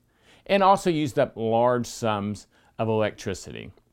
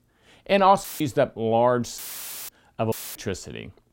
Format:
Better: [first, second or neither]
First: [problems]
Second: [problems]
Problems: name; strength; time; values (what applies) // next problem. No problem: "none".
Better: first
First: none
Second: audio cutting out; filled with static; at 1 s, at 2 s for 0.5 s and at 3 s